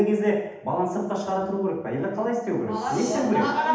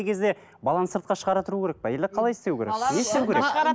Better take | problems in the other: second | room echo; dies away in 0.8 s

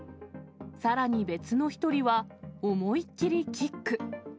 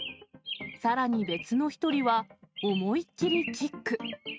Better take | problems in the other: first | noise reduction (neural mask model RNNoise)

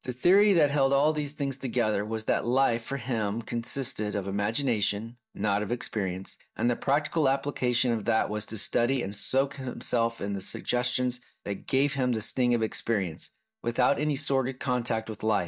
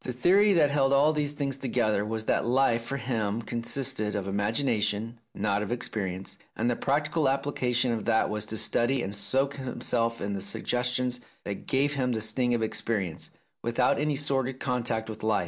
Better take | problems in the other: second | noise reduction (neural mask model DeepFilterNet 3)

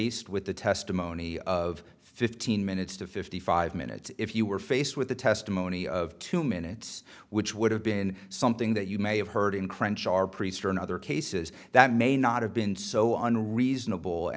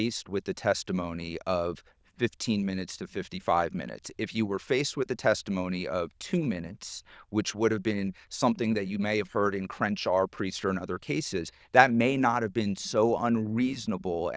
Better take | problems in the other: first | noise reduction (neural diffusion model UNIVERSE++)

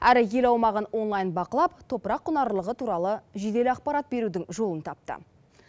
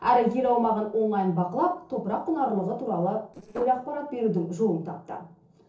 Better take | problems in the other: first | noise reduction (neural separator model SepFormer DNS4)

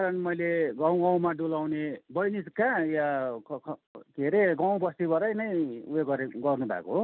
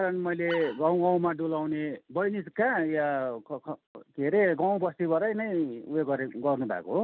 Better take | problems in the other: first | background sound (Animal); 15 dB below the speech

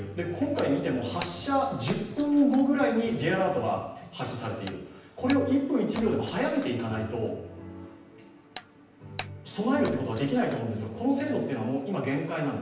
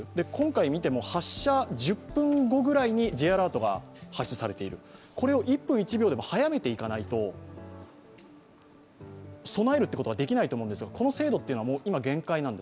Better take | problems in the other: second | background sound (Shatter); 20 dB below the speech // room echo; dies away in 0.9 s

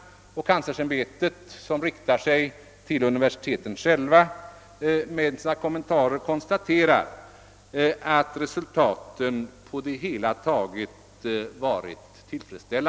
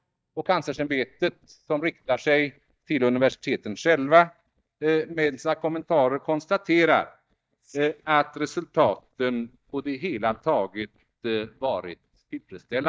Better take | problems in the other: first | noise reduction (neural mask model DeepFilterNet 3)

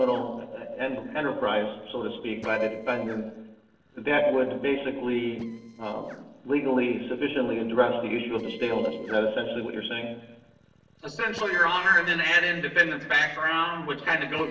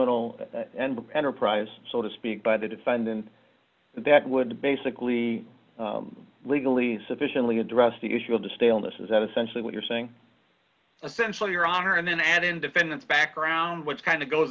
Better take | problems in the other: second | noise reduction (neural separator model SepFormer DNS4)

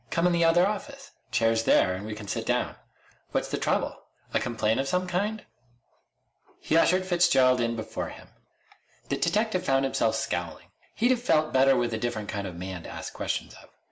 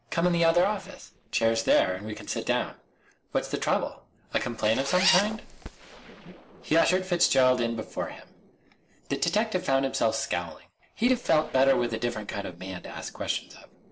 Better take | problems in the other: first | noise reduction (neural separator model SepFormer DNS4)

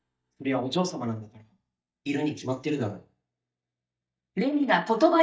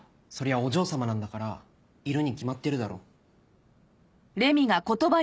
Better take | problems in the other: second | noise reduction (neural mask model DeepFilterNet 3)

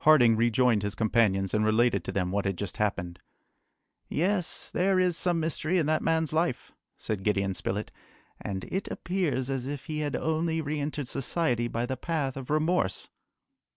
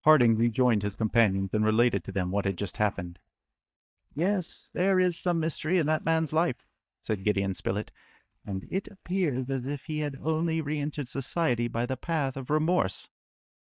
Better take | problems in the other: first | noise reduction (neural mask model DeepFilterNet 3)

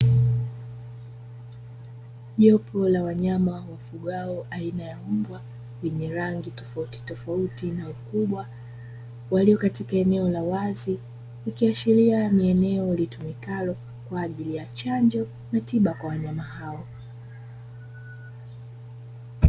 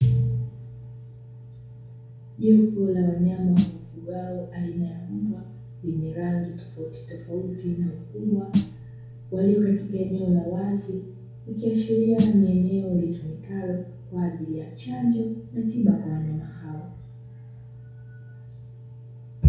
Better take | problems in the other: first | background sound (Snare drum); 6 dB below the speech // room echo; dies away in 0.6 s

